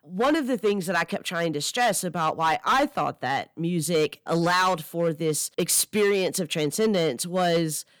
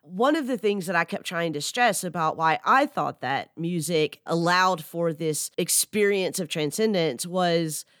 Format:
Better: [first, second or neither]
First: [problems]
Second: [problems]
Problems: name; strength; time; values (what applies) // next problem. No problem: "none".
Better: second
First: distortion; slight; 6% of the sound clipped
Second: none